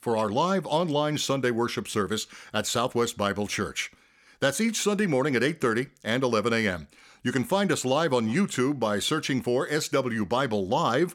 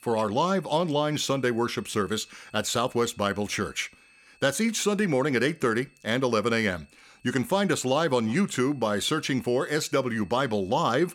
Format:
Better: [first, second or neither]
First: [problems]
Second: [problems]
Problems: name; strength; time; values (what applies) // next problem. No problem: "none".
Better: first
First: none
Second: high-pitched whine; faint; throughout; 2.5 kHz, 30 dB below the speech